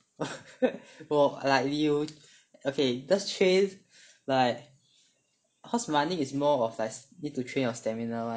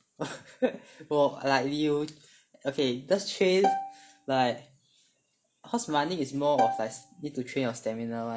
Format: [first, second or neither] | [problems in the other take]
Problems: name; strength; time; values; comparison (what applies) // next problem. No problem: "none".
first | background sound (Bowed string instrument); 2 dB below the speech